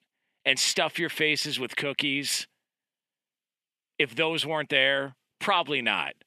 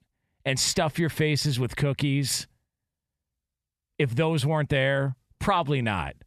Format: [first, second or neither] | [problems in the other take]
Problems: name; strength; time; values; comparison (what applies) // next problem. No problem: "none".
second | thin; somewhat; fading below 250 Hz